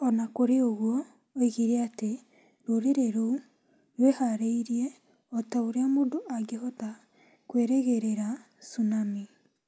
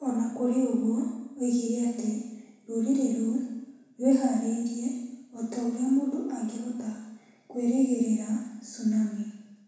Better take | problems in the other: first | room echo; dies away in 1 s

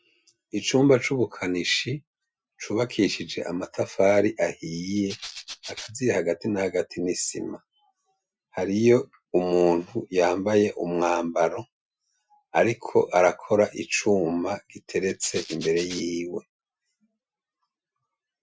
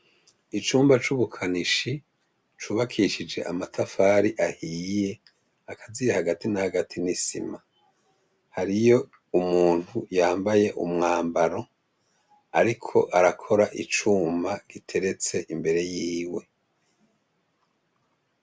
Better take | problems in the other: second | noise reduction (classical method Wiener filter)

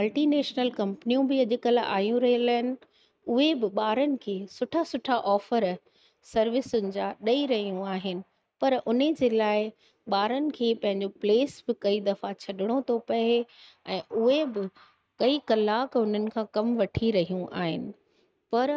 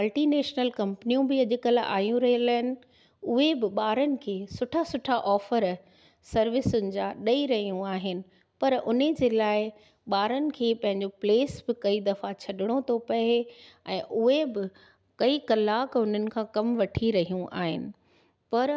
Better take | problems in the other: second | noise reduction (neural mask model RNNoise)

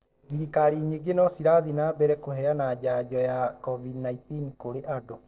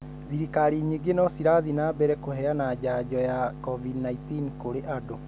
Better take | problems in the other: second | noise reduction (neural separator model SepFormer DNS4)

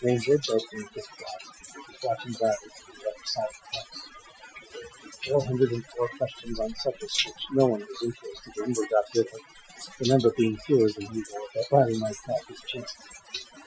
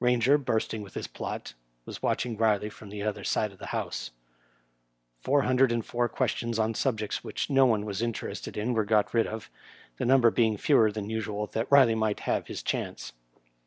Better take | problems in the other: second | noise reduction (classical method Wiener filter)

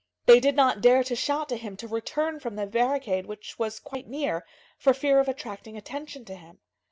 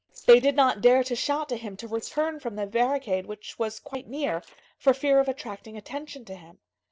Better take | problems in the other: first | noise reduction (neural separator model SepFormer DNS4)

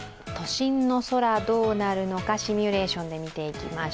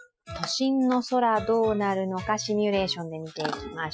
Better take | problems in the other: first | noise reduction (classical method Wiener filter)

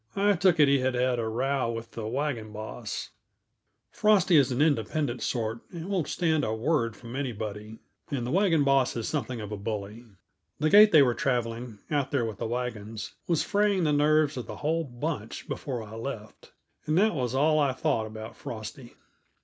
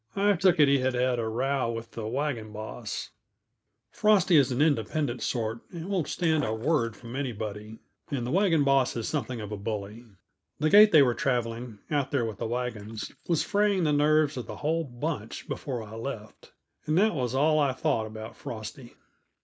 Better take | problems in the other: first | noise reduction (neural mask model Resemble Enhance denoiser)

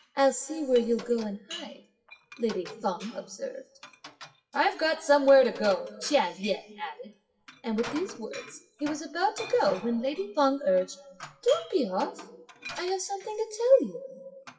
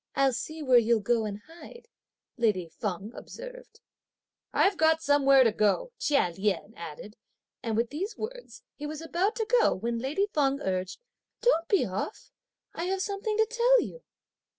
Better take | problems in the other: second | noise reduction (classical method WPE with log-MMSE)

